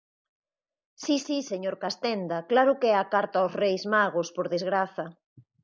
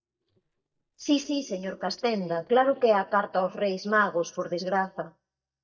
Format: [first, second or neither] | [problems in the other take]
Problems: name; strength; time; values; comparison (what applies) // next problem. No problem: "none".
first | noise reduction (neural mask model DeepFilterNet 3)